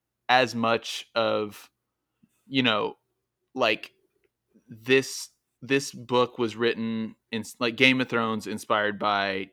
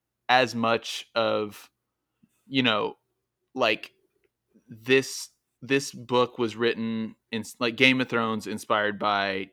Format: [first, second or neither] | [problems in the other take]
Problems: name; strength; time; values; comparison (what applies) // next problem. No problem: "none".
neither | none